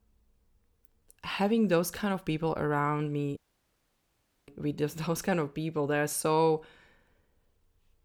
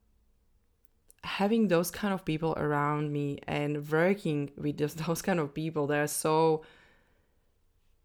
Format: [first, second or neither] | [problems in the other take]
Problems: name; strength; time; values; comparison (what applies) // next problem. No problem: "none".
second | audio cutting out; at 3.5 s for 1 s